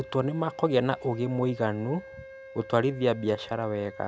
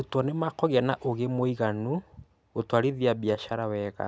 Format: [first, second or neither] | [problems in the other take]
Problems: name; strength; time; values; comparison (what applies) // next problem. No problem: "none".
second | background sound (Wind instrument, woodwind instrument); 17 dB below the speech